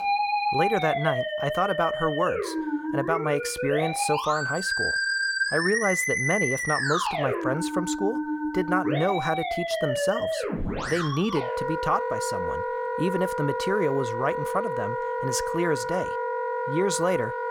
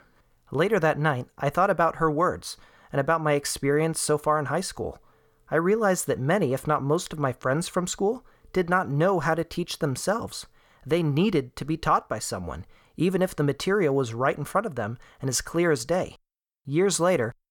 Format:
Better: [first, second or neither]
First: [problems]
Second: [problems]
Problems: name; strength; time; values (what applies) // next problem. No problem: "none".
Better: second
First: background music; very loud; throughout; as loud as the speech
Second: none